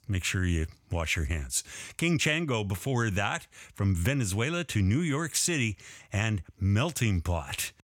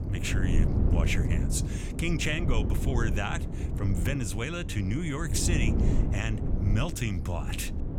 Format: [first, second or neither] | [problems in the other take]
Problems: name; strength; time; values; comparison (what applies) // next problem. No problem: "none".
first | wind noise on the microphone; heavy; 6 dB below the speech